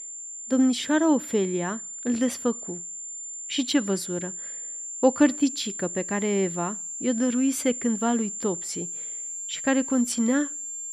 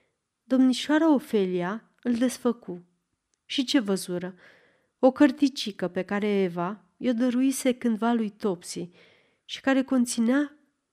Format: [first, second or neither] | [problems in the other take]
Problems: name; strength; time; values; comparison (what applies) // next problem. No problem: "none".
second | high-pitched whine; loud; throughout; 7 kHz, 7 dB below the speech